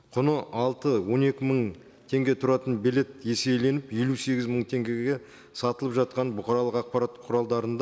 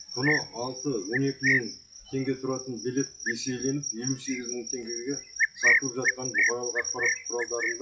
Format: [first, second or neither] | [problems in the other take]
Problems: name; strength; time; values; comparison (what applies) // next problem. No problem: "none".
first | noise reduction (classical method WPE with log-MMSE)